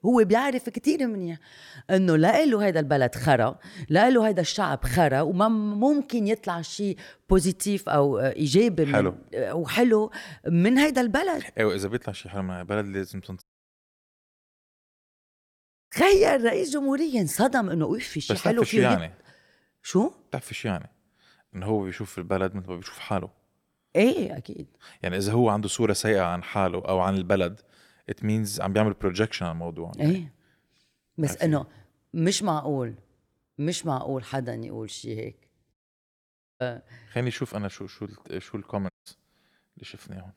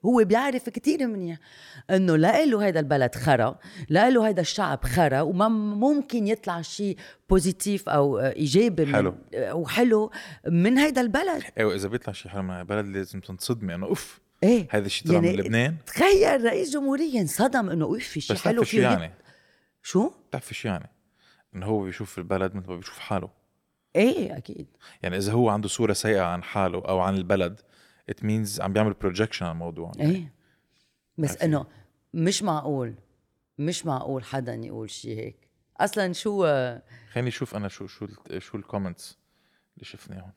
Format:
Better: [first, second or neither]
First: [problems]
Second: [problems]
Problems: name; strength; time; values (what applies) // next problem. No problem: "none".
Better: second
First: audio cutting out; at 13 s for 2.5 s, at 36 s for 1 s and at 39 s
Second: none